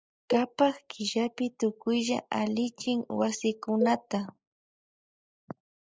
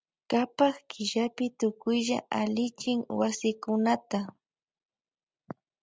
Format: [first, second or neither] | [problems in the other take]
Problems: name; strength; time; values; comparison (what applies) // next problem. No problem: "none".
second | noise reduction (neural mask model Resemble Enhance denoiser)